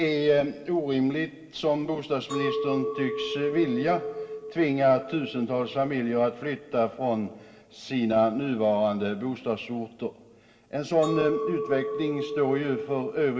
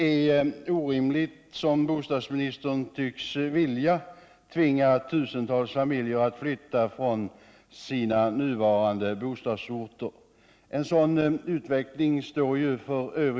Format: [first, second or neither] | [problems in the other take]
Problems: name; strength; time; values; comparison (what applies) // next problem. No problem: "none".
second | background sound (Chink, clink); 9 dB below the speech // room echo; dies away in 1.5 s